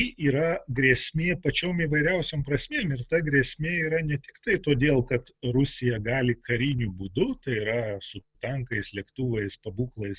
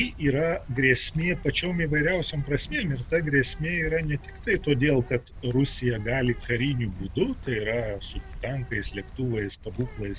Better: first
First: none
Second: background sound (Bird); 13 dB below the speech

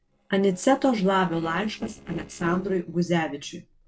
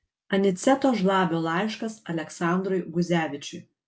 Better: second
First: noise reduction (neural separator model SepFormer DNS4)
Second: none

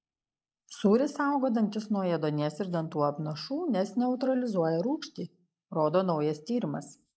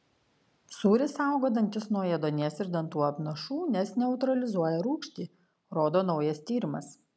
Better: second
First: noise reduction (neural mask model Resemble Enhance denoiser)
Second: none

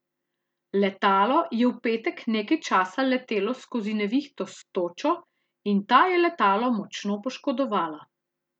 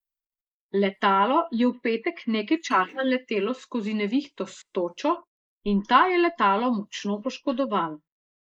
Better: first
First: none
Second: noise reduction (neural mask model Resemble Enhance denoiser)

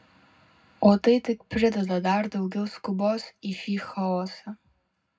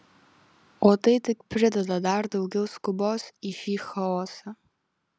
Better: second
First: room echo; dies away in 0.3 s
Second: none

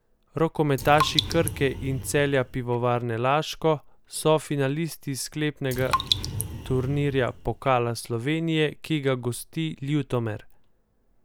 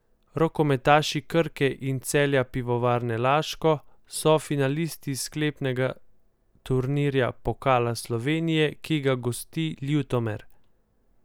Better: second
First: background sound (Raindrop); 5 dB below the speech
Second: none

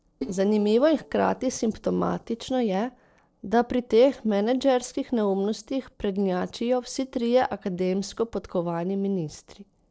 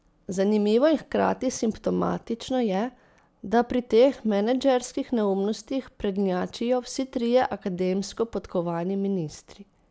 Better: second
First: noise reduction (neural separator model SepFormer DNS4)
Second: none

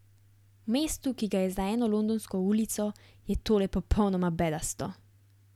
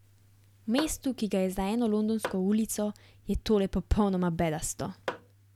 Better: first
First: none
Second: background sound (Tap / Hammer); 13 dB below the speech

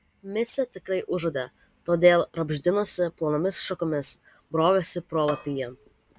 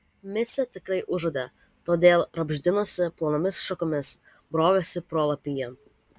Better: second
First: background sound (Cutlery, silverware / Dishes, pots, and pans); 13 dB below the speech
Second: none

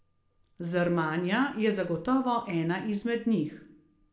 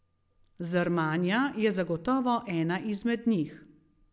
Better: second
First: room echo; dies away in 0.4 s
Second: none

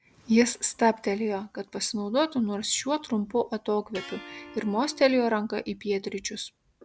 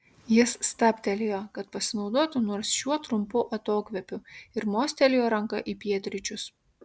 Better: second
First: background sound (Electric guitar); 19 dB below the speech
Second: none

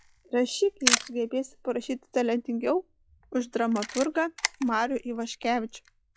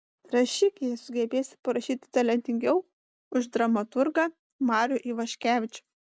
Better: second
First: noise reduction (classical method log-MMSE)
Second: none

